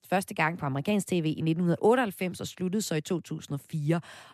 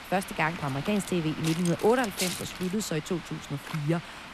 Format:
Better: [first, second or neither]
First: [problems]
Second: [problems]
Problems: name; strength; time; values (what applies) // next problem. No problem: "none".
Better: first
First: none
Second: wind noise on the microphone; heavy; 6 dB below the speech